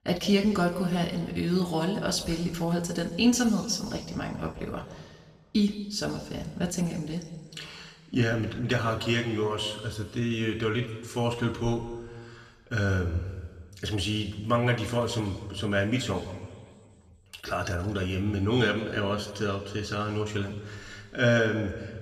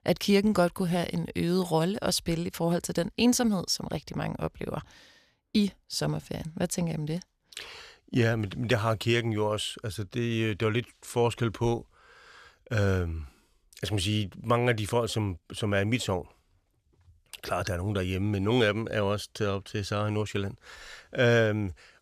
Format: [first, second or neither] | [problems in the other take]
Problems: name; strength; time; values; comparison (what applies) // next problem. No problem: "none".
second | room echo; slight; dies away in 1.5 s // off-mic speech; somewhat distant